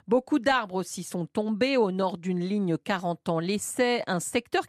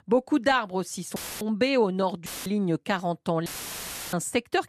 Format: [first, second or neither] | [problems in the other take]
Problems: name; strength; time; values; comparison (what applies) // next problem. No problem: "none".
first | audio cutting out; filled with static; at 1 s, at 2.5 s and at 3.5 s for 0.5 s